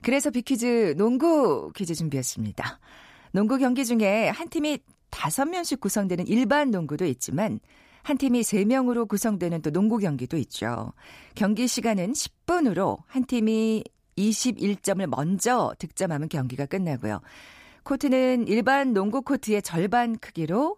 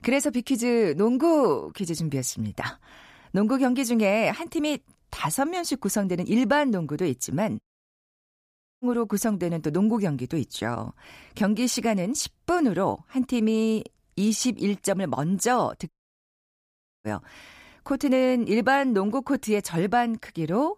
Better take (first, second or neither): first